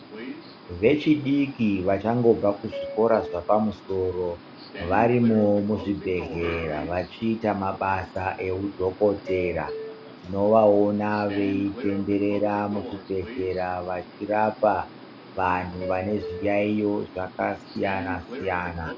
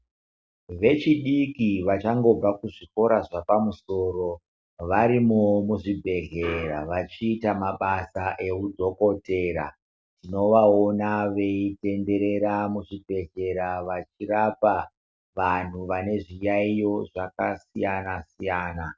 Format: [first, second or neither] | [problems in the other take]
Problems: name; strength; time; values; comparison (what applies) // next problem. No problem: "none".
second | background sound (Subway, metro, underground); 13 dB below the speech